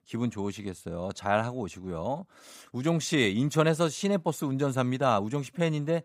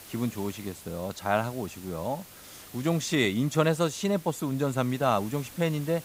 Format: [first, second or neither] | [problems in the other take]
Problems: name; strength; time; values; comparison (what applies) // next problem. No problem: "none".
first | hiss; noticeable; throughout; 15 dB below the speech